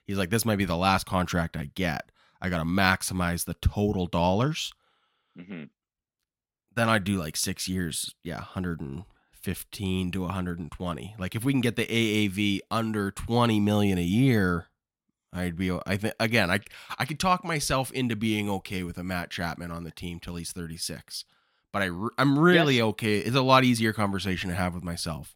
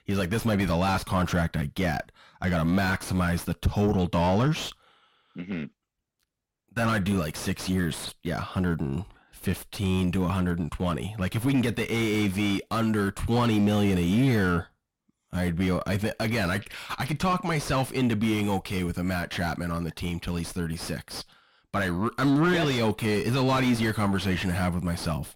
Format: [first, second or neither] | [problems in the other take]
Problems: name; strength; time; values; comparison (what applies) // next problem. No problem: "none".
first | distortion; heavy; 5 dB below the speech